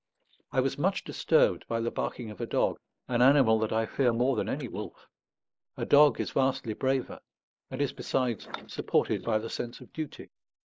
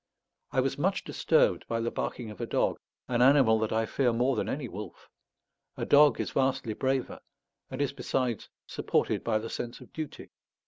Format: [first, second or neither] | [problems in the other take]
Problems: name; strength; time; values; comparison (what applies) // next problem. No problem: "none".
second | noise reduction (neural mask model Resemble Enhance denoiser)